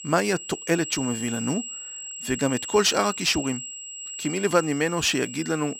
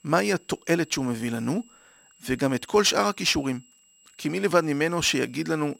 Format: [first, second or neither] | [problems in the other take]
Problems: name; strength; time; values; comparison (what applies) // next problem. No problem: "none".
second | high-pitched whine; loud; throughout; 7.5 kHz, 9 dB below the speech; faint in the second